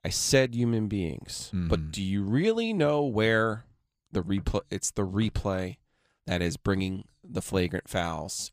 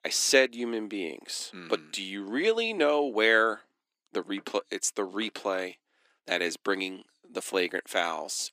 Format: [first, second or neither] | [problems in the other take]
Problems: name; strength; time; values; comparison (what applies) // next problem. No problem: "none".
first | thin; somewhat; fading below 300 Hz